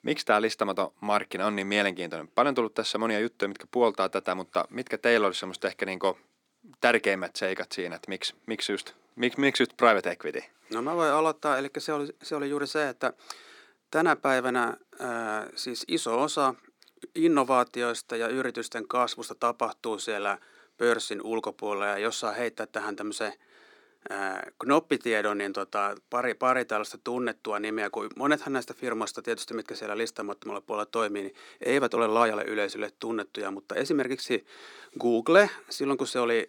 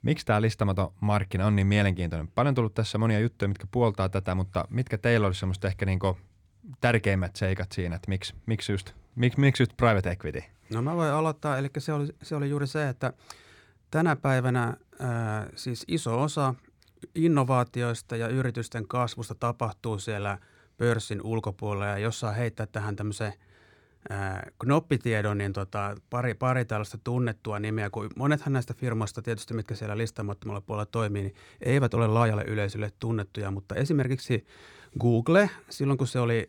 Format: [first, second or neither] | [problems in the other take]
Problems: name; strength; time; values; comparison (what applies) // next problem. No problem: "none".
second | thin; somewhat; fading below 250 Hz